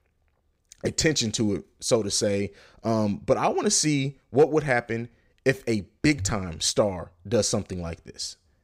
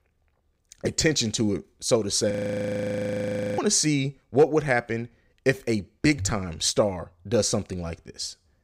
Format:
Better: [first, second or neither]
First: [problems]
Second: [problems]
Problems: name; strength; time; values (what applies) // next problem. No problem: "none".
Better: first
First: none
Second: audio freezing; at 2.5 s for 1.5 s